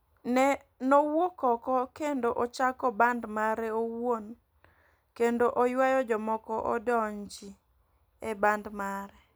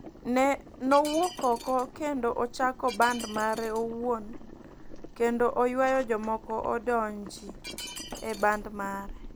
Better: first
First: none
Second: background sound (Shatter + Boiling); 14 dB below the speech

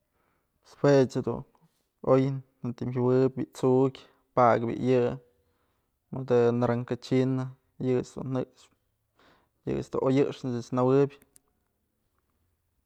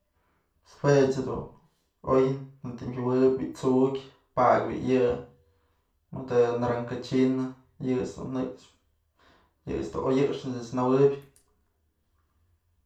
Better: first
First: none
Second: room echo; dies away in 0.4 s

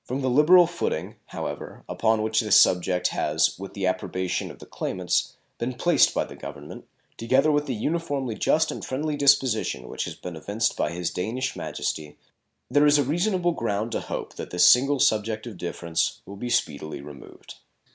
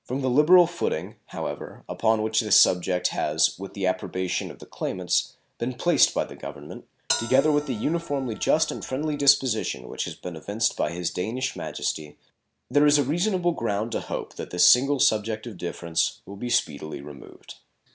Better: first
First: none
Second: background sound (Bell); 10 dB below the speech

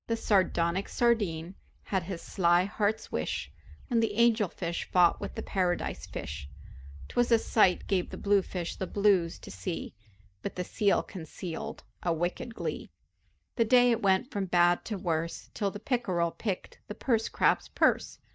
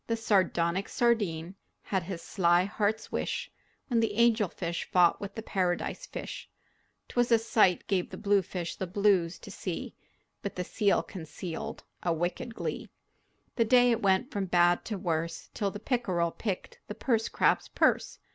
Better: second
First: noise reduction (neural mask model DeepFilterNet 3)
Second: none

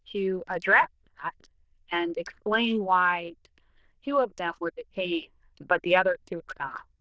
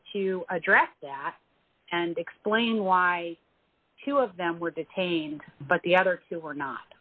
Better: second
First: noise reduction (neural diffusion model UNIVERSE++)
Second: none

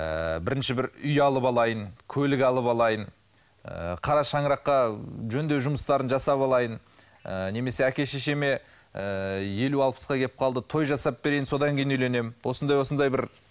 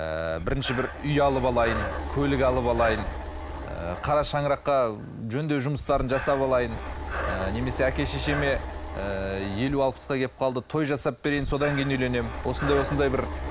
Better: first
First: none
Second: background sound (Breathing); 7 dB below the speech

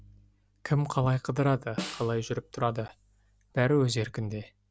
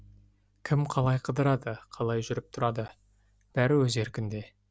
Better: second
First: background sound (Snare drum); 12 dB below the speech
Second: none

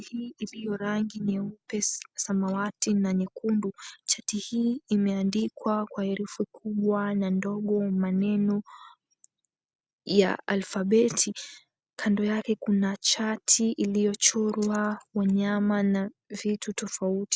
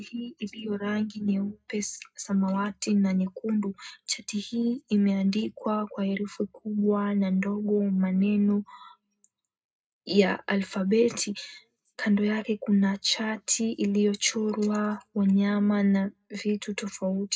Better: first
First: none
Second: room echo; dies away in 0.2 s

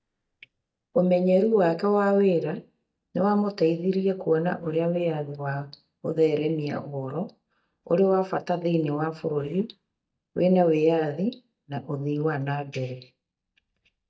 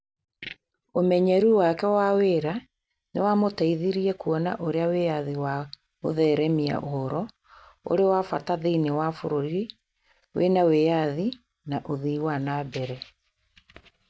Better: second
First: noise reduction (neural mask model DeepFilterNet 3)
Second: none

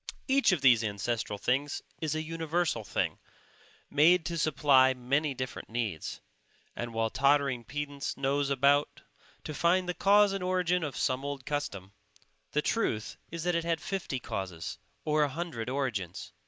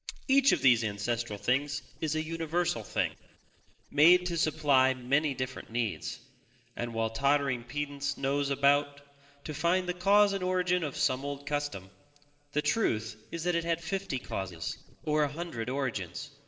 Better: first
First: none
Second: noise reduction (neural separator model SepFormer DNS4)

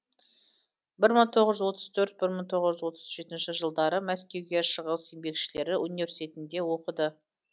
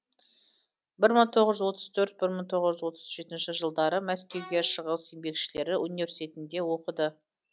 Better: first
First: none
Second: background sound (Bowed string instrument); 18 dB below the speech

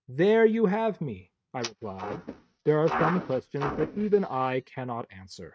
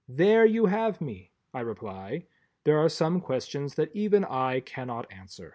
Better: second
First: noise reduction (neural mask model RNNoise)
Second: none

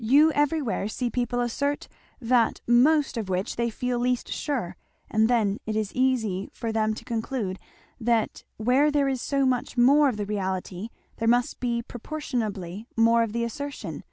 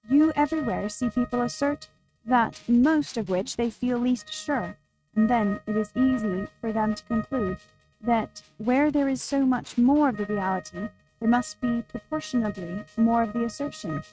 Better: first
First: none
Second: noise reduction (neural mask model RNNoise)

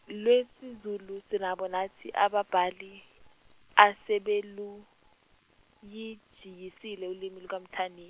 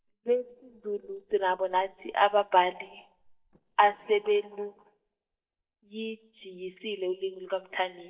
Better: first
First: none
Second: noise reduction (neural mask model DeepFilterNet 3)

